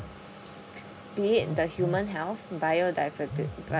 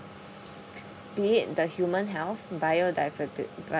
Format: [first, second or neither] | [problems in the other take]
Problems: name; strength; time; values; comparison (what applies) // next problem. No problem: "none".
second | background sound (Telephone); 10 dB below the speech